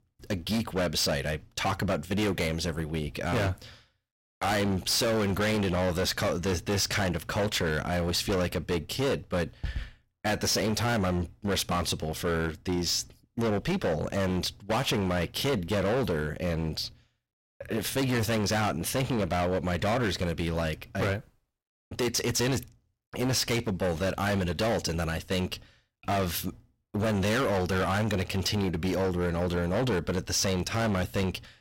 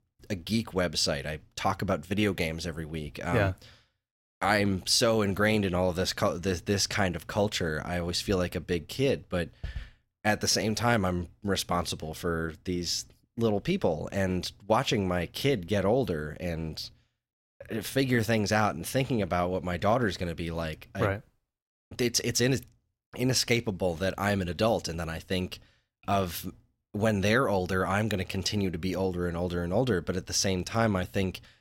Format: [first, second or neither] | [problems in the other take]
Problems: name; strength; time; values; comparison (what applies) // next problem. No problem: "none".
second | distortion; heavy; 21% of the sound clipped